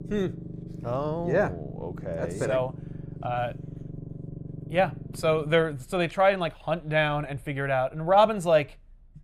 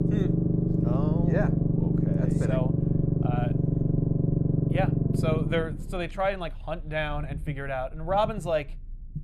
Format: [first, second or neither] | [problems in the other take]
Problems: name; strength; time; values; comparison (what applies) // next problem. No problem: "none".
first | low rumble; loud; throughout; 3 dB below the speech; faint in the first